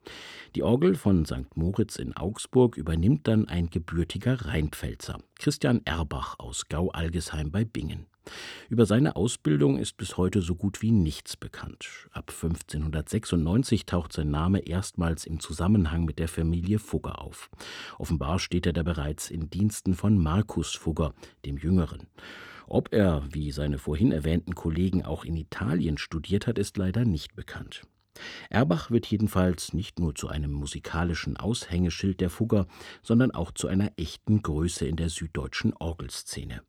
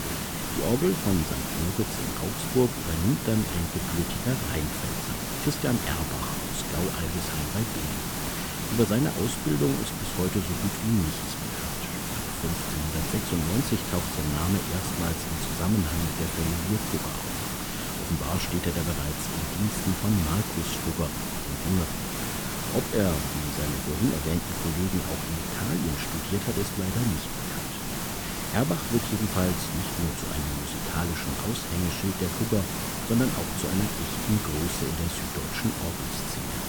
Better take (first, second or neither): first